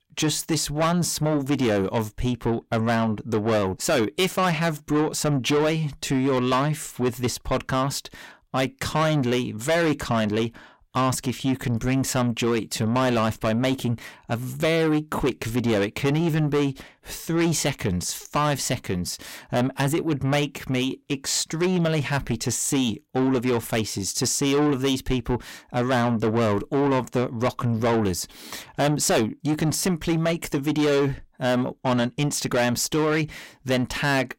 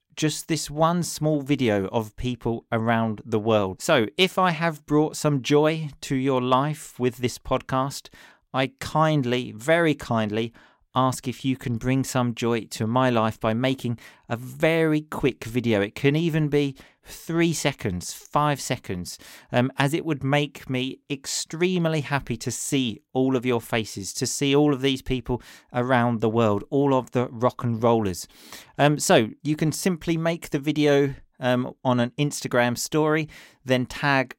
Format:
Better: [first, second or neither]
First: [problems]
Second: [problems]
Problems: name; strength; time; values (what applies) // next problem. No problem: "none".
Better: second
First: distortion; heavy; 7 dB below the speech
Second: none